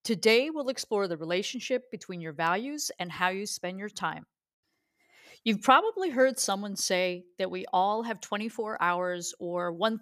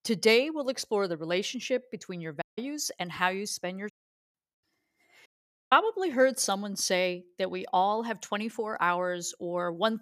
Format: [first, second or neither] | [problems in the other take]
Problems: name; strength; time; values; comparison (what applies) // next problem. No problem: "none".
first | audio cutting out; at 2.5 s, at 4 s and at 5.5 s